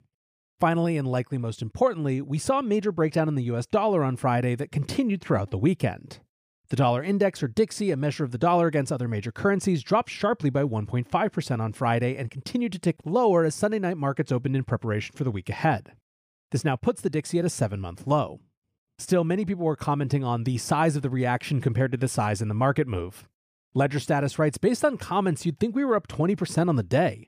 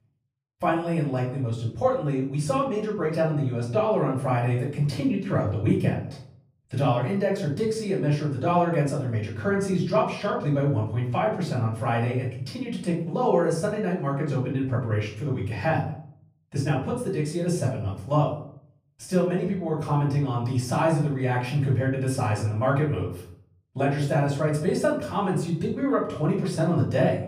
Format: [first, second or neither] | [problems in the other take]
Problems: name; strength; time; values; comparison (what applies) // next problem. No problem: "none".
first | room echo; slight; dies away in 0.5 s // off-mic speech; far